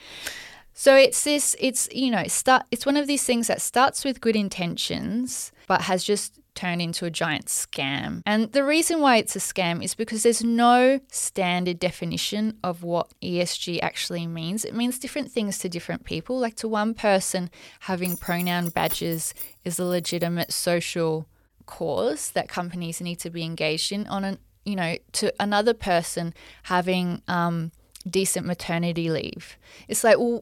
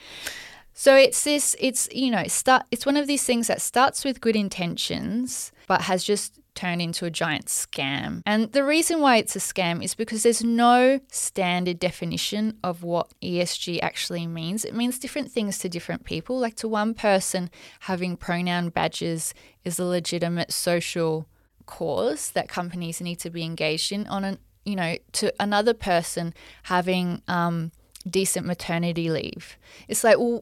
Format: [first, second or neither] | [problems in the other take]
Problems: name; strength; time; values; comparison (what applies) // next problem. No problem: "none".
second | jangling keys; noticeable; from 18 to 20 s; peak 6 dB below the speech